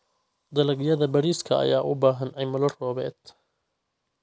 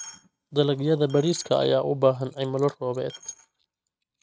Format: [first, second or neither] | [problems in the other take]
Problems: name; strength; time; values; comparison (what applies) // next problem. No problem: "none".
first | noise reduction (neural mask model RNNoise)